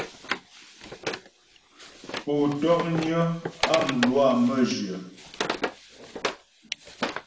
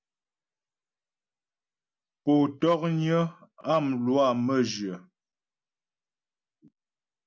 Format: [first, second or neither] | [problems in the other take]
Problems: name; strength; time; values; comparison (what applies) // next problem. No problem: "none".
second | background sound (Wood); 6 dB below the speech // room echo; dies away in 0.7 s